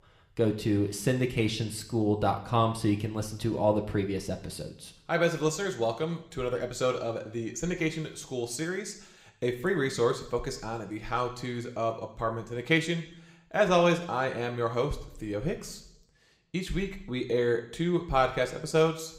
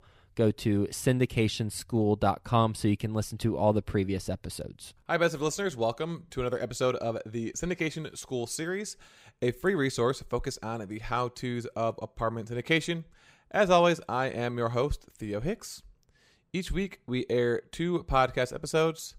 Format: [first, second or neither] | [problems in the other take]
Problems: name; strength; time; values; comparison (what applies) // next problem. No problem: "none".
second | room echo; very slight; dies away in 0.7 s